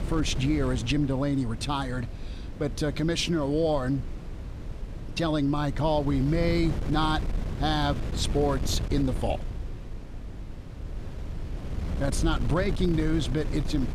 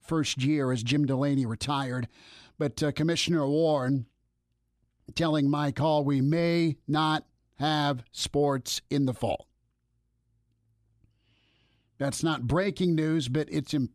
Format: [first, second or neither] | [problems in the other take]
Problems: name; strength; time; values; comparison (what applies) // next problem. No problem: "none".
second | wind noise on the microphone; occasional gusts; 15 dB below the speech